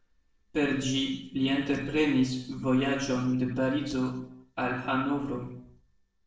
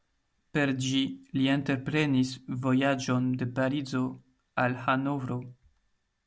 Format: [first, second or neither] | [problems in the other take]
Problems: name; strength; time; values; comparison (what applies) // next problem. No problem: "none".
second | noise reduction (neural separator model SepFormer DNS4)